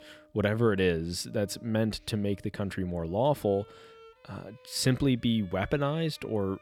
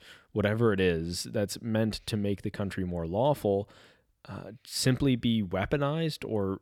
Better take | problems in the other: second | background music; faint; throughout; 25 dB below the speech

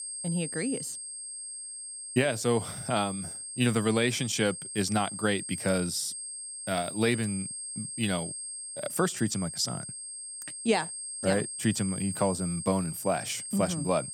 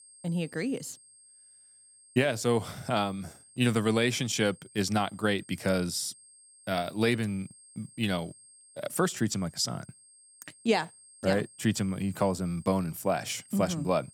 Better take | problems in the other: second | high-pitched whine; loud; throughout; 8.5 kHz, 7 dB below the speech; faint in the second

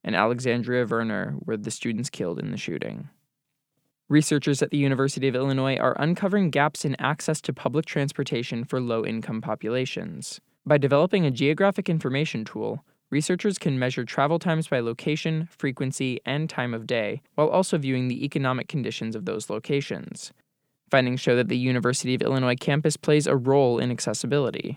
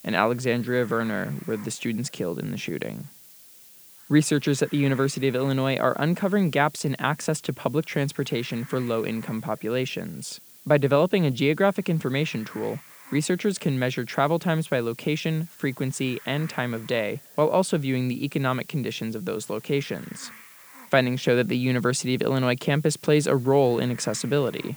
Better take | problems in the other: first | hiss; faint; throughout; 20 dB below the speech

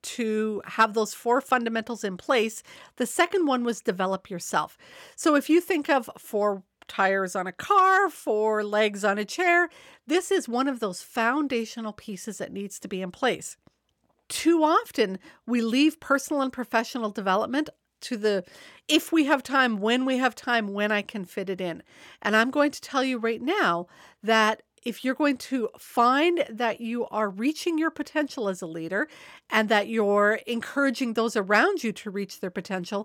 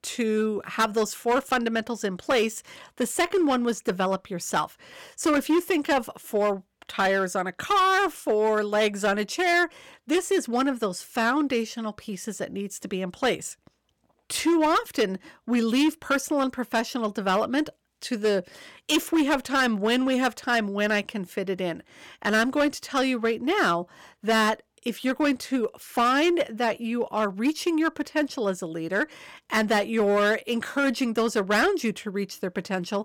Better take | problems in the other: first | distortion; slight; 7% of the sound clipped

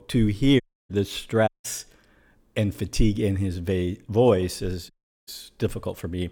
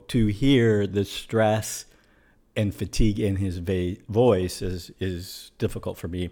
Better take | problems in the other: second | audio cutting out; at 0.5 s, at 1.5 s and at 5 s

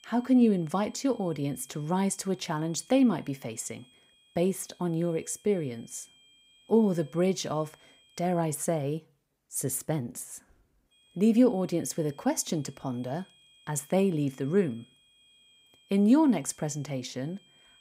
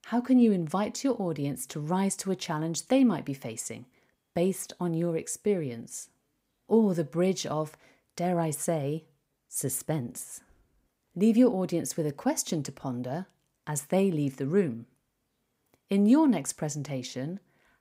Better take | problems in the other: second | high-pitched whine; faint; until 8.5 s and from 11 s on; 3.5 kHz, 30 dB below the speech

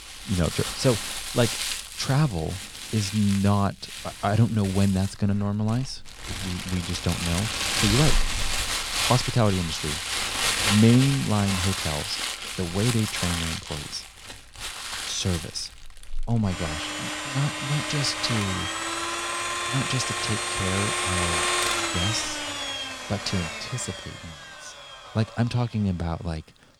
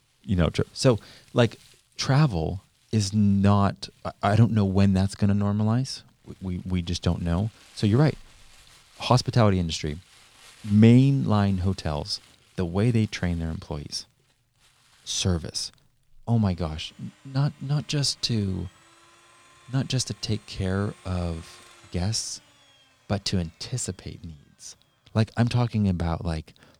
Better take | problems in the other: second | household noises; loud; throughout; 1 dB below the speech; faint in the second

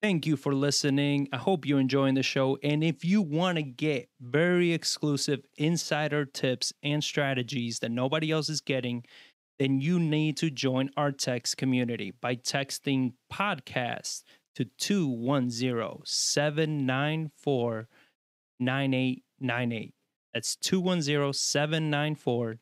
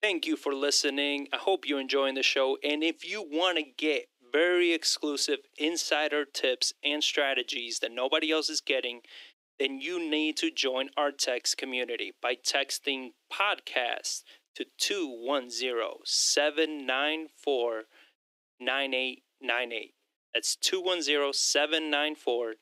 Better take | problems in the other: first | thin; somewhat; fading below 300 Hz

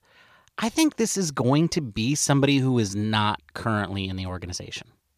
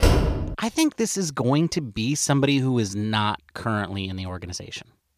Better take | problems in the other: first | door banging; loud; at the start; peak 4 dB above the speech

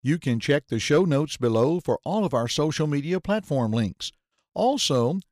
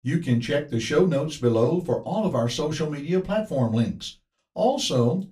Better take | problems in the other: first | off-mic speech; far // room echo; very slight; dies away in 0.2 s

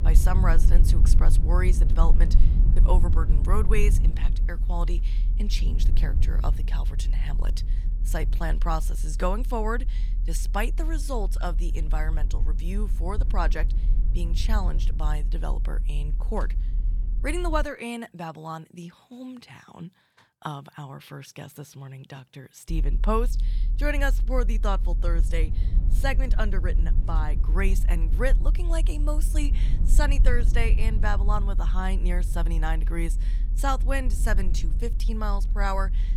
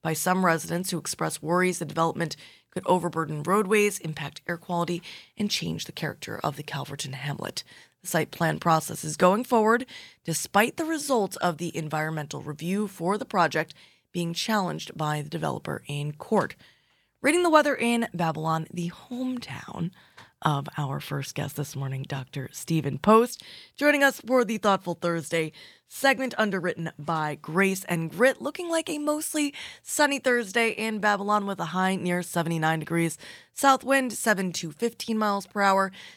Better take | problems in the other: second | low rumble; noticeable; until 18 s and from 23 s on; 15 dB below the speech

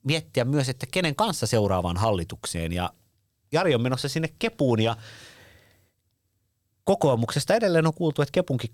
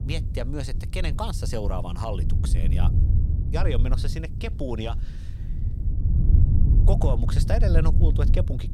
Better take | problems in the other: first | low rumble; loud; throughout; 7 dB below the speech

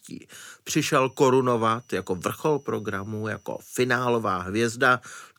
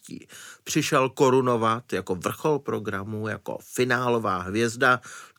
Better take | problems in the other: second | high-pitched whine; faint; from 1 to 4.5 s; 6 kHz, 35 dB below the speech

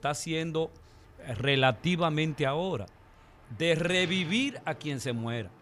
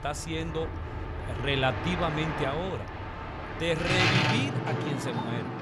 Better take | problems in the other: first | train or aircraft noise; loud; throughout; as loud as the speech; faint in the first

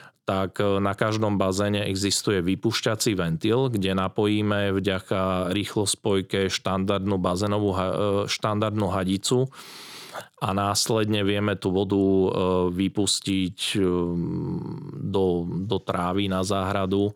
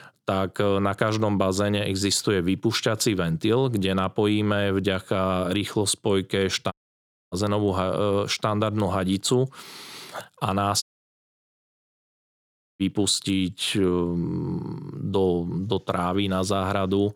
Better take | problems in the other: first | audio cutting out; at 6.5 s for 0.5 s and at 11 s for 2 s

